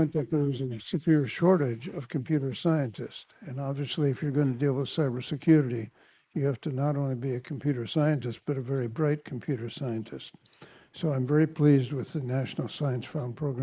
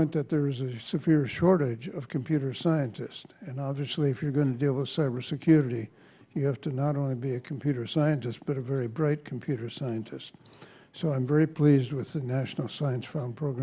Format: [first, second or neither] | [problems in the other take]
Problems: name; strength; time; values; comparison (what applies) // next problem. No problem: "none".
second | noise reduction (neural mask model Resemble Enhance denoiser)